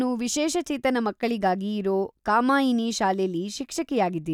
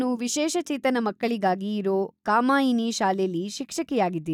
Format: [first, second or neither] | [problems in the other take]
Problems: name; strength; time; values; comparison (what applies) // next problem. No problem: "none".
first | noise reduction (neural mask model DeepFilterNet 3)